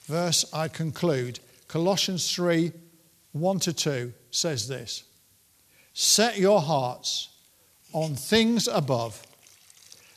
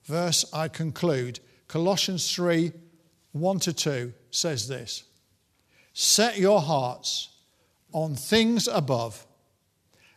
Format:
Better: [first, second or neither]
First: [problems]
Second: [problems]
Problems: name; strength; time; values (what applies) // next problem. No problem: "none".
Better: second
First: hiss; faint; throughout; 30 dB below the speech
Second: none